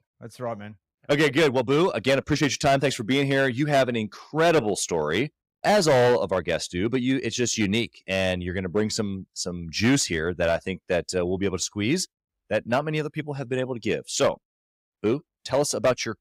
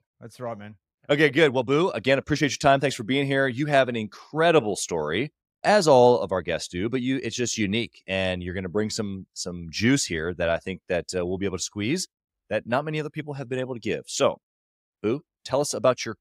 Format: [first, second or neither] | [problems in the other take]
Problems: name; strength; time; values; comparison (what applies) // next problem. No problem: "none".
second | distortion; slight; 5% of the sound clipped